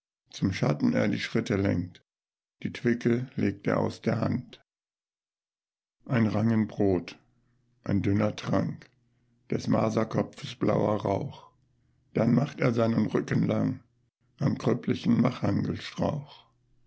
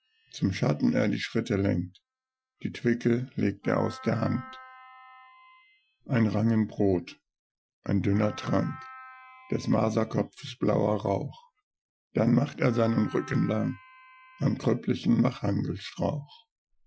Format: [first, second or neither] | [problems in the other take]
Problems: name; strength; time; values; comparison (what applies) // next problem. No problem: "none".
first | noise reduction (classical method Wiener filter)